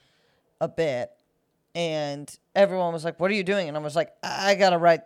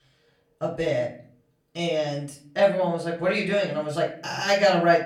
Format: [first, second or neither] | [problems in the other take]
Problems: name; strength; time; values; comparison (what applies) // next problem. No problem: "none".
first | off-mic speech; far // room echo; slight; dies away in 0.4 s